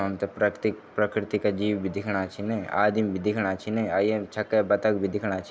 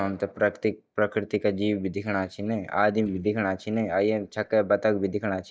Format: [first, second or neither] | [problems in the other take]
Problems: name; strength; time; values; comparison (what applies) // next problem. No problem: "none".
first | noise reduction (neural mask model DeepFilterNet 3)